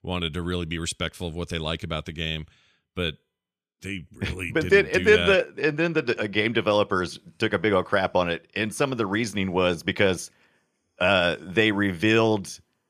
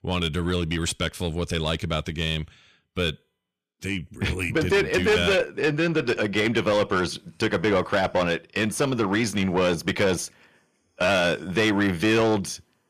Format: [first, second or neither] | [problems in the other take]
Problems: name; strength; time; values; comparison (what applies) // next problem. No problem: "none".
first | distortion; heavy; 8 dB below the speech